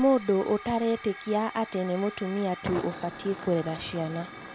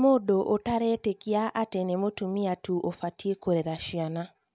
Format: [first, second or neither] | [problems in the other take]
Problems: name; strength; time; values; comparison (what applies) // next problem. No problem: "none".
second | background sound (Hiss / Fire); 13 dB below the speech